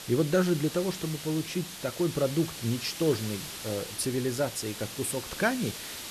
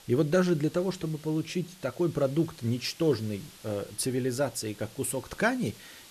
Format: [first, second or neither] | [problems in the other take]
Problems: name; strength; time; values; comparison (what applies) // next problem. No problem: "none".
second | hiss; loud; throughout; 8 dB below the speech; faint in the second